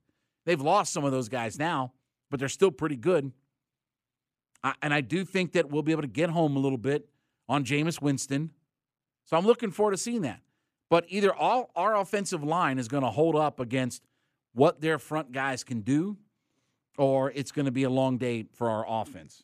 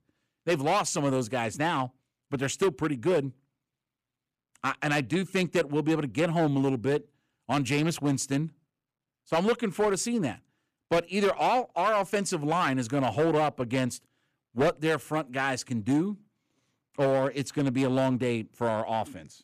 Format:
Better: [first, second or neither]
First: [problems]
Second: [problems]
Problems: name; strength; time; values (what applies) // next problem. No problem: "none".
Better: first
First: none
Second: distortion; slight; 6% of the sound clipped